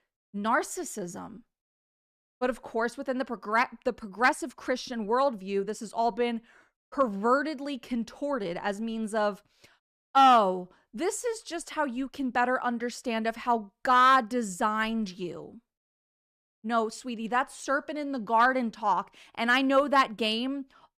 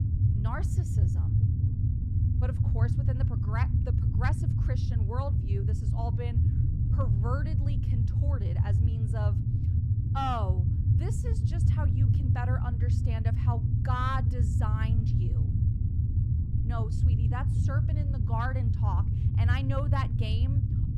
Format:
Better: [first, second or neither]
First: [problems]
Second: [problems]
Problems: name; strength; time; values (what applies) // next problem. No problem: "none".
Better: first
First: none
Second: low rumble; loud; throughout; 3 dB below the speech